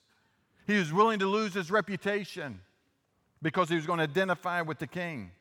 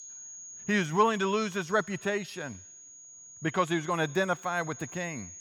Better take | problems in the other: first | high-pitched whine; noticeable; throughout; 6.5 kHz, 15 dB below the speech

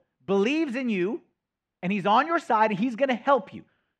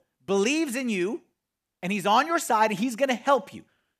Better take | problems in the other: second | muffled; slightly; fading above 3 kHz

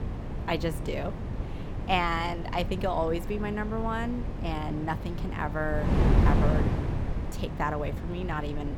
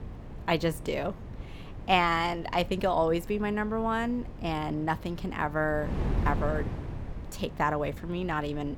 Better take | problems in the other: second | wind noise on the microphone; heavy; 7 dB below the speech; occasional gusts in the second

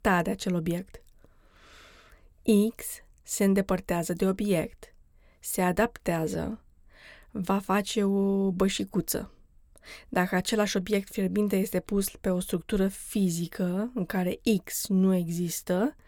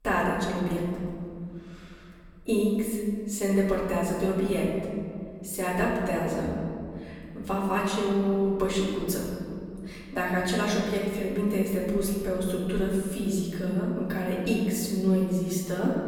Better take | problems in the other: first | off-mic speech; far // room echo; noticeable; dies away in 2.2 s

